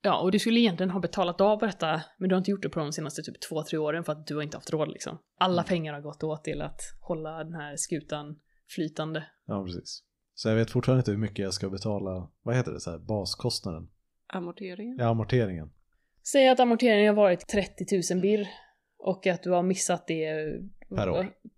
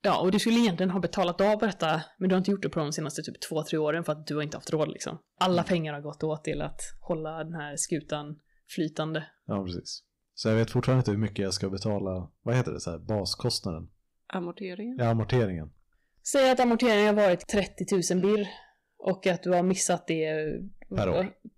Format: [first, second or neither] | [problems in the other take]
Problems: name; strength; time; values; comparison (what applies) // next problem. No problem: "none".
first | distortion; slight; 4% of the sound clipped